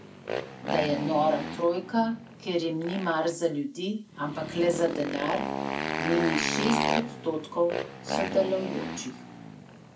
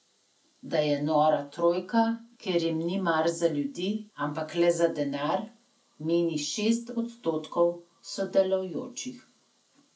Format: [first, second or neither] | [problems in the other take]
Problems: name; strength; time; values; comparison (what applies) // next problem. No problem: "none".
second | background sound (Motorcycle); 4 dB below the speech